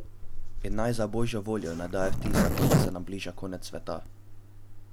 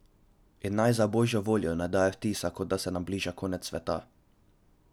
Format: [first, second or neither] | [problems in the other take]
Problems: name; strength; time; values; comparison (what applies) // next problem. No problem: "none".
second | background sound (Zipper (clothing)); 5 dB above the speech